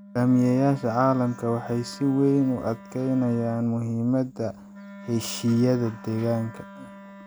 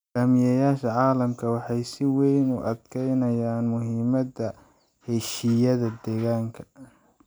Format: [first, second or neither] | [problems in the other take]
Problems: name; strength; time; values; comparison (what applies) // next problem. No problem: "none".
second | background sound (Wind instrument, woodwind instrument); 19 dB below the speech